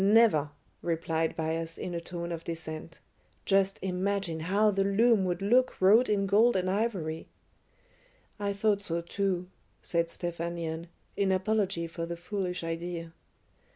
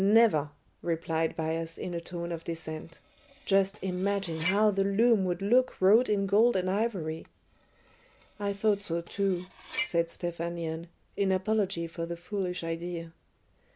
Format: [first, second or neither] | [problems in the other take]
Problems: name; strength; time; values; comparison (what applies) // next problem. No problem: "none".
first | background sound (Cutlery, silverware); 16 dB below the speech